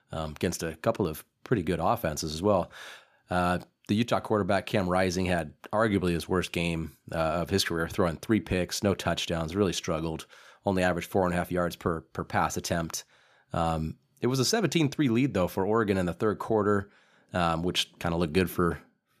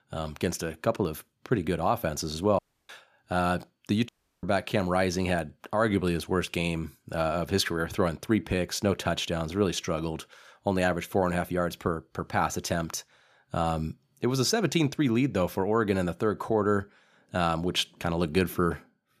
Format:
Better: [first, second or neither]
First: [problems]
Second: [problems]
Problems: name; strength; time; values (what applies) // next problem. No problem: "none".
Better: first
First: none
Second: audio cutting out; at 2.5 s and at 4 s